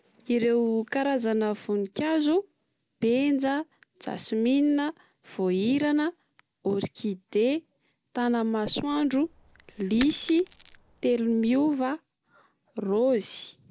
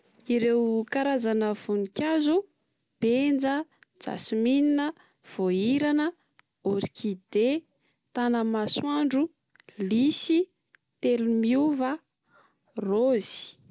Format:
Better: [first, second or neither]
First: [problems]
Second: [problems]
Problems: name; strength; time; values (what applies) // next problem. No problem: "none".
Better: second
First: background sound (Coin (dropping)); 19 dB below the speech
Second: none